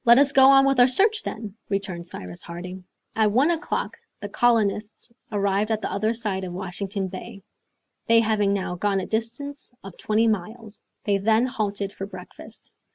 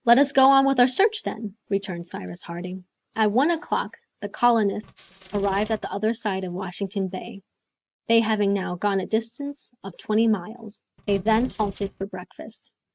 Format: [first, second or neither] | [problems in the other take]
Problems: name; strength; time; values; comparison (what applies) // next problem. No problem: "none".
first | noise reduction (neural mask model RNNoise)